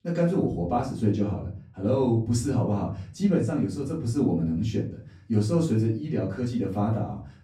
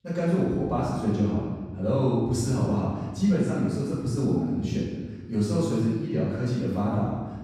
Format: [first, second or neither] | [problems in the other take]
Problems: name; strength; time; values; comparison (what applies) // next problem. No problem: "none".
first | room echo; strong; dies away in 1.3 s; slight in the first // off-mic speech; far; far in the first